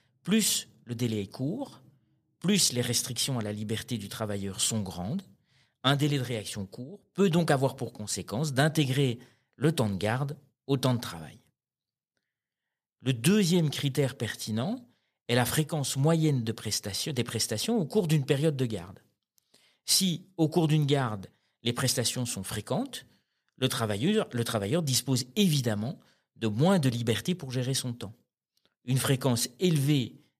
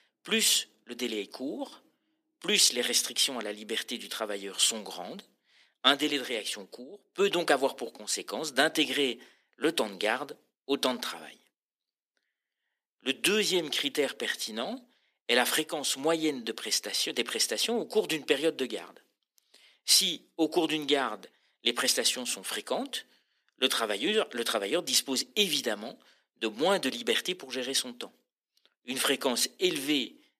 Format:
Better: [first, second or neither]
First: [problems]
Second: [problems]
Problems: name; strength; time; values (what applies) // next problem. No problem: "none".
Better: first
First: none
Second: thin; somewhat; fading below 250 Hz